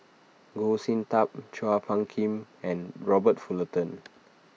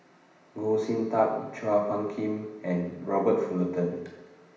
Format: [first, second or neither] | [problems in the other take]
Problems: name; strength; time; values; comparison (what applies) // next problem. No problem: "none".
first | room echo; dies away in 0.9 s